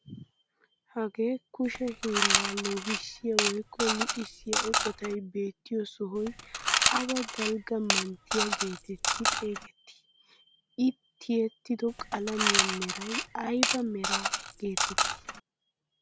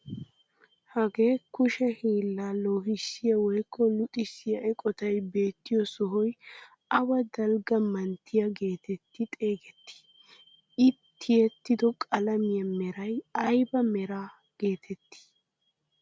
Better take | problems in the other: second | background sound (Coin (dropping) / Mechanisms); 3 dB above the speech

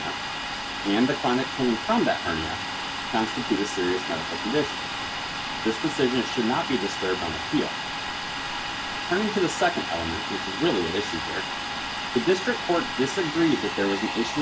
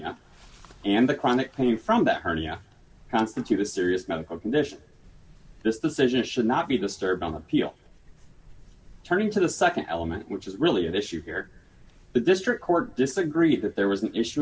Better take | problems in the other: second | background sound (Domestic sounds, home sounds); 3 dB below the speech

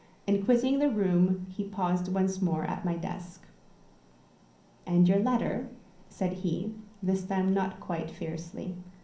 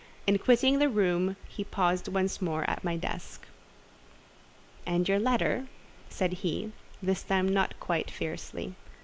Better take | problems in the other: second | room echo; dies away in 0.6 s

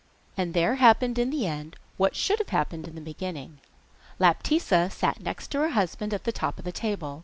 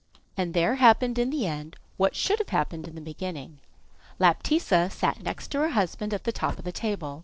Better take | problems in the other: first | noise reduction (neural separator model SepFormer DNS4)

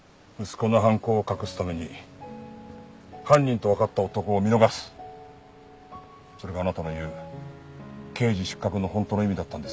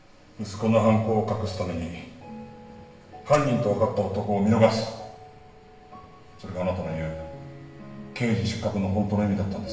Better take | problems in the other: first | room echo; dies away in 0.9 s

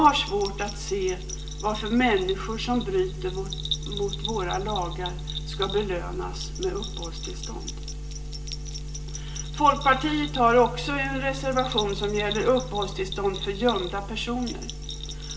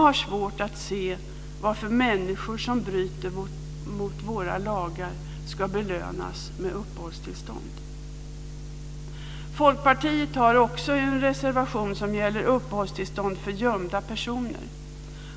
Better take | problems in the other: second | background sound (Bell); 13 dB below the speech // room echo; dies away in 0.4 s

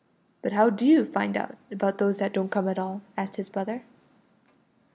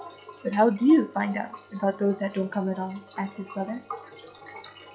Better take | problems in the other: first | noise reduction (classical method log-MMSE)

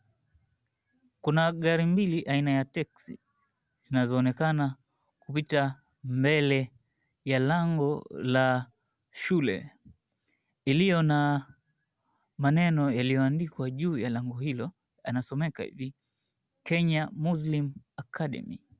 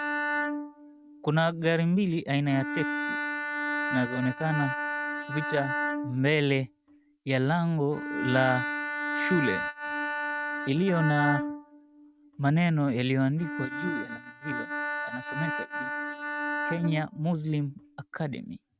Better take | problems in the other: first | noise reduction (neural mask model RNNoise)

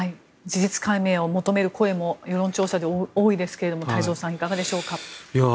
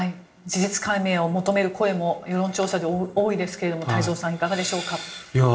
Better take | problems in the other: first | room echo; dies away in 0.7 s

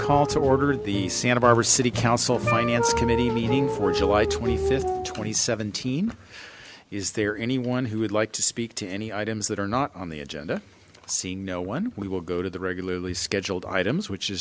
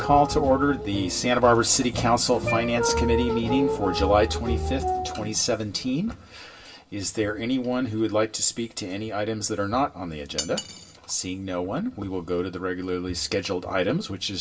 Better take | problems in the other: first | background sound (Cutlery, silverware); 14 dB below the speech // room echo; dies away in 0.2 s

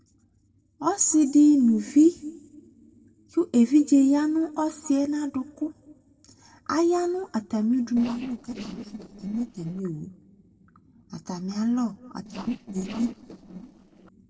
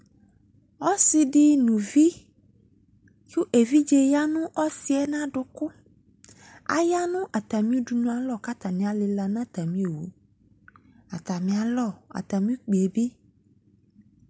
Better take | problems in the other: second | noise reduction (neural separator model SepFormer DNS4)

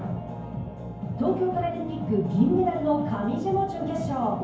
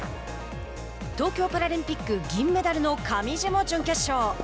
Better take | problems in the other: second | room echo; dies away in 0.9 s

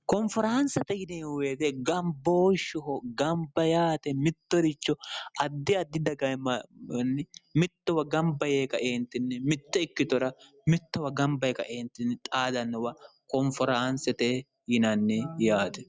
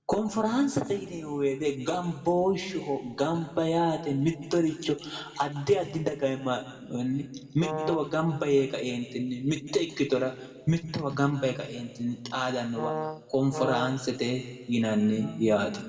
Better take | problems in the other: first | background sound (Brass instrument); 6 dB below the speech // room echo; dies away in 1.5 s

